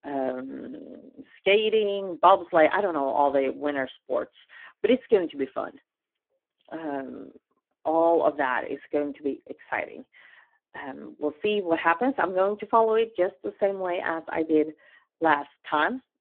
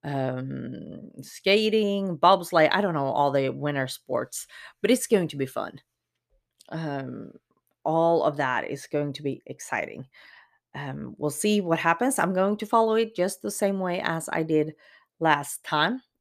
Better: second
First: phone-call audio; poor line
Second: none

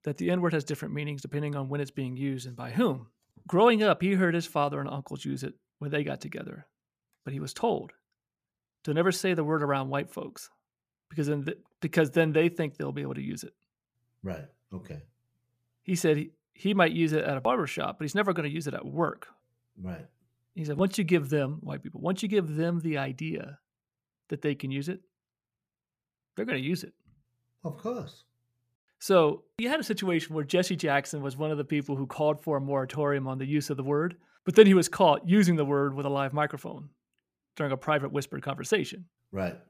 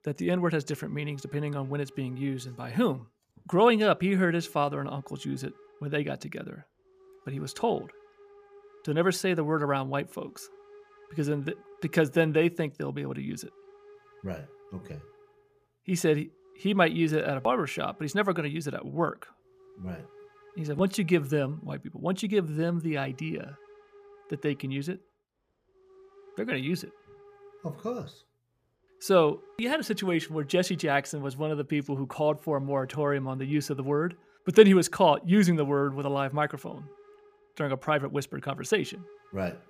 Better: first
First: none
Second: hiss; faint; throughout; 25 dB below the speech

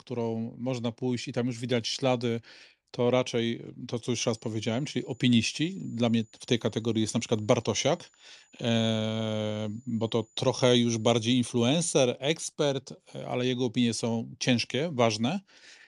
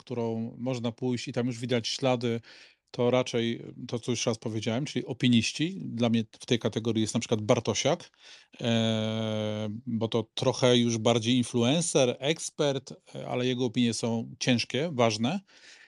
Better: second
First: high-pitched whine; faint; from 4 to 11 s; 7 kHz, 35 dB below the speech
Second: none

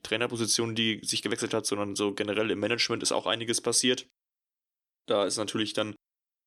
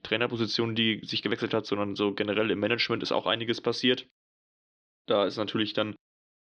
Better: first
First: none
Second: muffled; very slightly; fading above 4.5 kHz

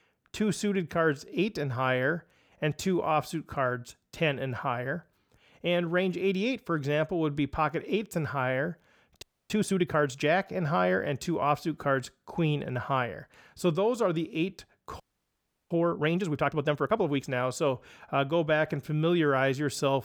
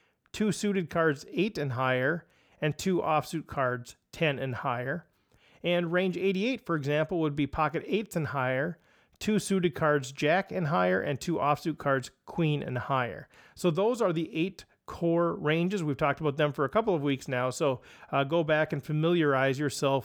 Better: second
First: audio freezing; at 9 s and at 15 s for 0.5 s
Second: none

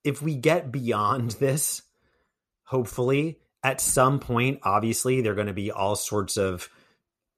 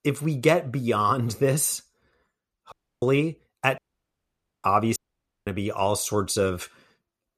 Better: first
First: none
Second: audio cutting out; at 2.5 s, at 4 s for 1 s and at 5 s for 0.5 s

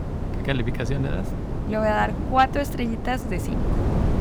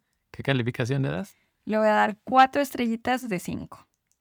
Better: second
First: wind noise on the microphone; occasional gusts; 10 dB below the speech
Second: none

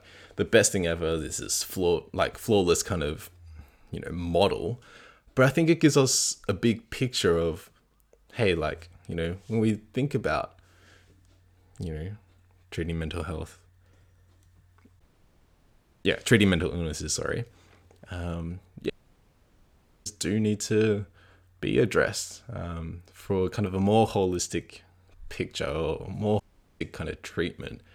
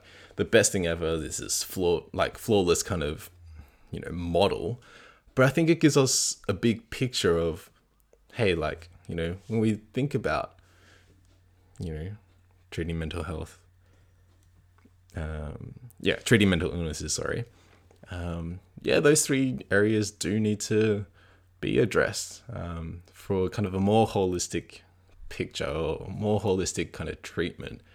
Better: second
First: audio cutting out; at 15 s for 1 s, at 19 s for 1 s and at 26 s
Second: none

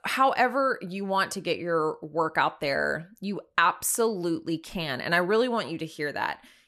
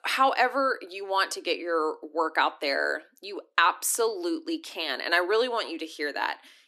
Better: first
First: none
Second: thin; somewhat; fading below 250 Hz

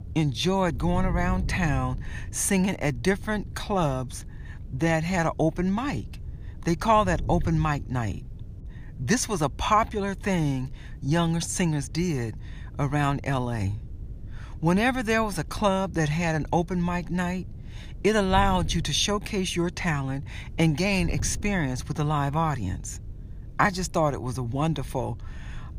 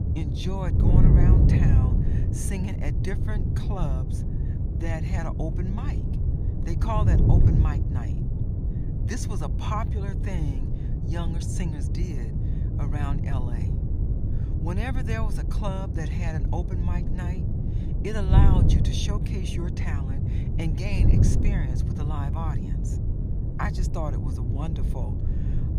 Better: first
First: wind noise on the microphone; occasional gusts; 25 dB below the speech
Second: wind noise on the microphone; heavy; 1 dB below the speech

